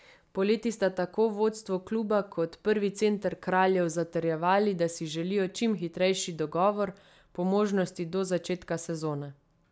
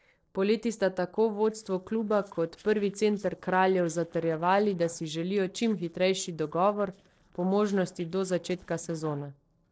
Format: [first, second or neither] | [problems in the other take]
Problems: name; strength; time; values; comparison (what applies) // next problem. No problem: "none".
first | noise reduction (neural separator model SepFormer DNS4)